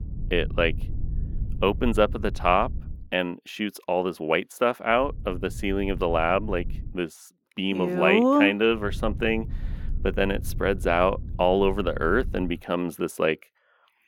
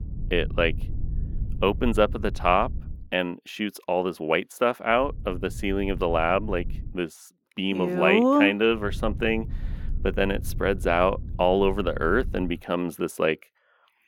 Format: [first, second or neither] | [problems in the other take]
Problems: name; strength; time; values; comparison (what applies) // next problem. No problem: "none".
neither | low rumble; faint; until 3 s, from 5 to 7 s and from 9 to 13 s; 25 dB below the speech; the same in both